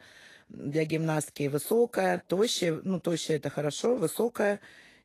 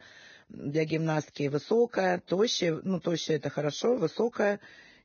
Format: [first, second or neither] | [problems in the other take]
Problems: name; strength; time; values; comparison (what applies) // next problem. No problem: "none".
first | garbled, watery; badly; nothing above 6.5 kHz; slightly in the first